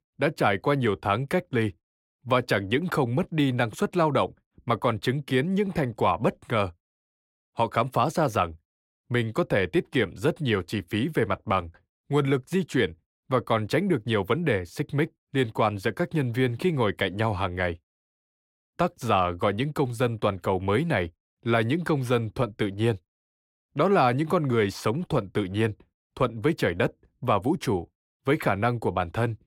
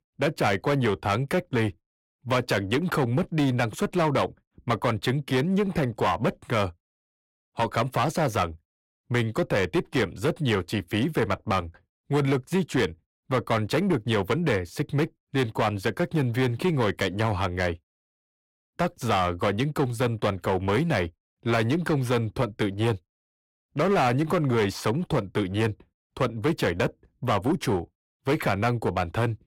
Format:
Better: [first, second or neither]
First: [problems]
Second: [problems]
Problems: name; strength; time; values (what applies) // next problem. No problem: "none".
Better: first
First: none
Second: distortion; slight; 10% of the sound clipped